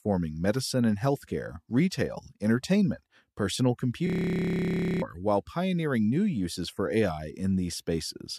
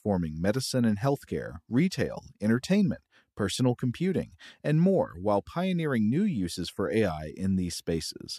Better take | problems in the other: second | audio freezing; at 4 s for 1 s

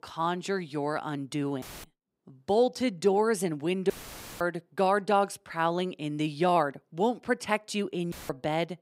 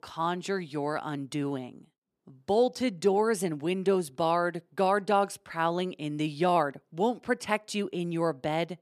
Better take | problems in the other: second | audio cutting out; filled with static; at 1.5 s, at 4 s for 0.5 s and at 8 s

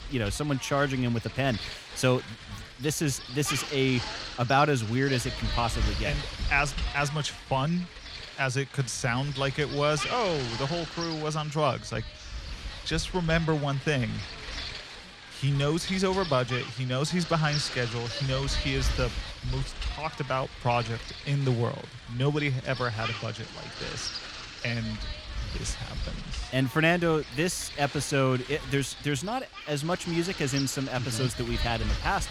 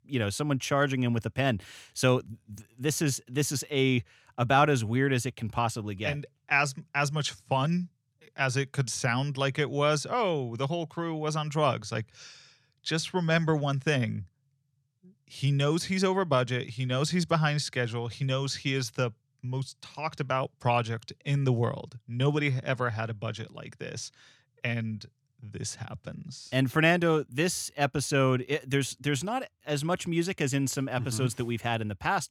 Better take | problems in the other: second | wind noise on the microphone; heavy; 8 dB below the speech

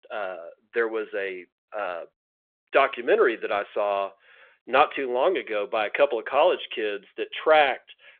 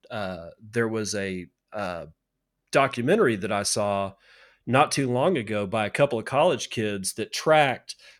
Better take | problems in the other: second | phone-call audio; nothing above 3.5 kHz

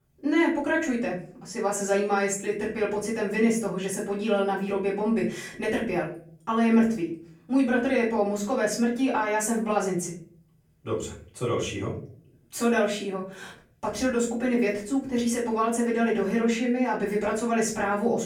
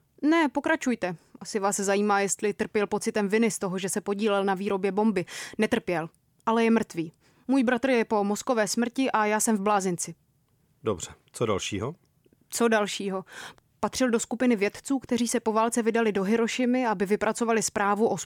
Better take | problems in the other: second | room echo; slight; dies away in 0.5 s // off-mic speech; far

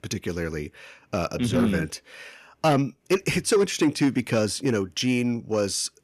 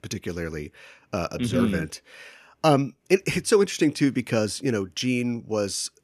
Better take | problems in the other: second | distortion; slight; 10 dB below the speech

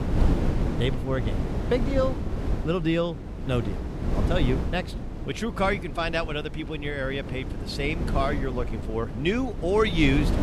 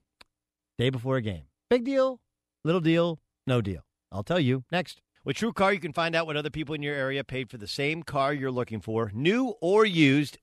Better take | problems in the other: second | wind noise on the microphone; heavy; 9 dB below the speech

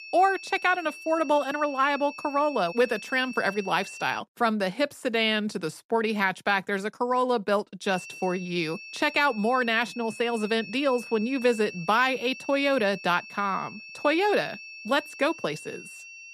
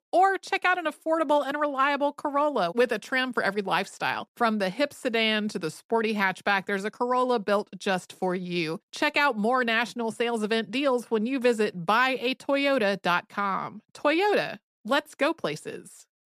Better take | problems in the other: second | high-pitched whine; noticeable; until 4 s and from 8 s on; 2.5 kHz, 15 dB below the speech

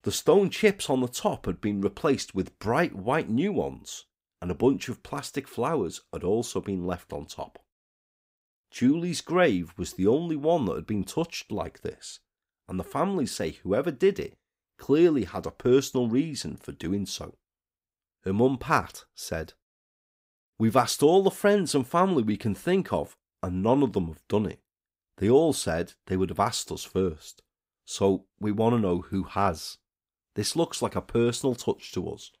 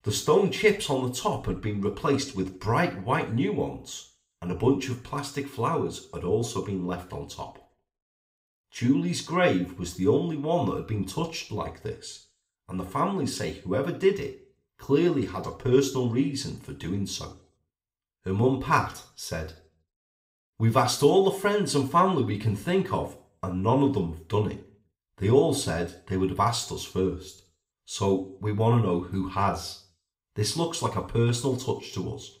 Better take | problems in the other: first | room echo; very slight; dies away in 0.4 s // off-mic speech; somewhat distant

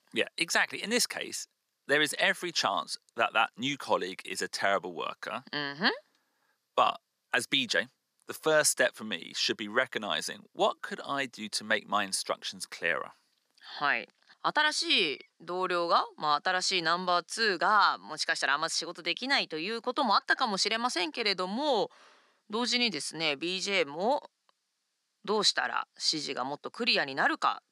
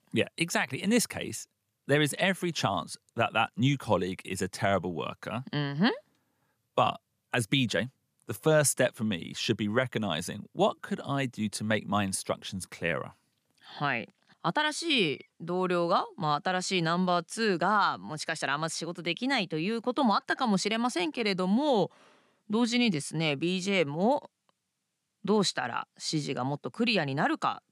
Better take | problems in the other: second | thin; somewhat; fading below 350 Hz

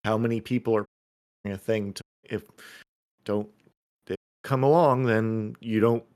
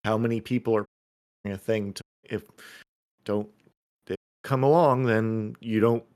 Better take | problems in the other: neither | audio cutting out; at 1 s for 0.5 s, at 2 s and at 4 s; the same in both

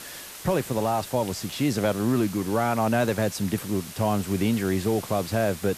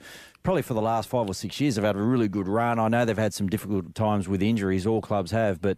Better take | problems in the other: second | hiss; noticeable; throughout; 15 dB below the speech

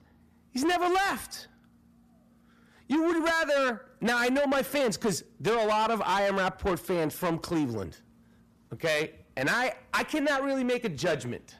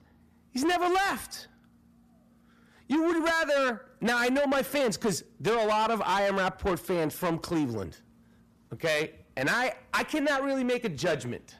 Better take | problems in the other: neither | distortion; heavy; 7 dB below the speech; the same in both

